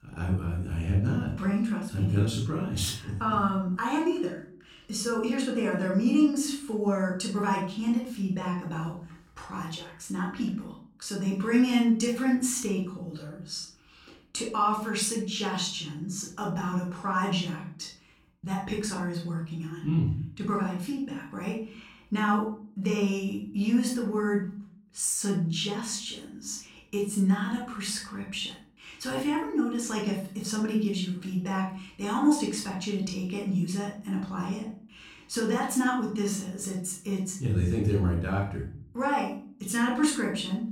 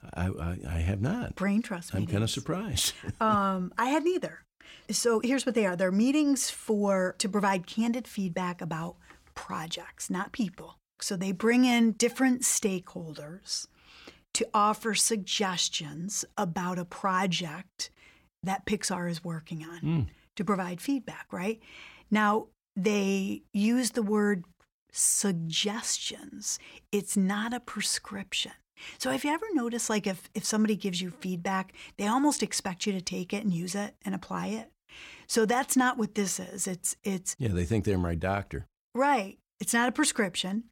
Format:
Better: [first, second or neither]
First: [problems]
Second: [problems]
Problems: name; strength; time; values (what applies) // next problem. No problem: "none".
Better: second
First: off-mic speech; far // room echo; noticeable; dies away in 0.5 s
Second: none